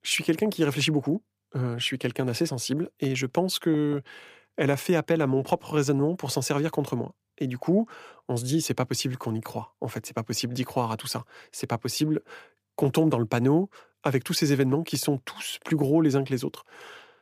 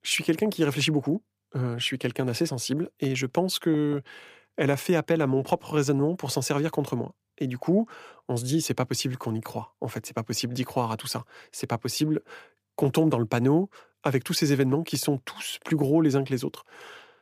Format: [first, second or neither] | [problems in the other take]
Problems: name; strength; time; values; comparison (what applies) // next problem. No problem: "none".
neither | none